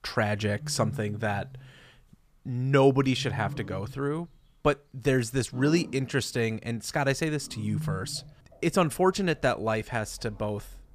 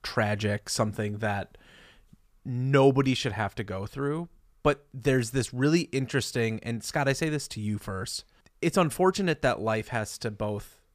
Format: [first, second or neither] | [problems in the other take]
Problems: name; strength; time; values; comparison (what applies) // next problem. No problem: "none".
second | animal sounds; noticeable; throughout; 10 dB below the speech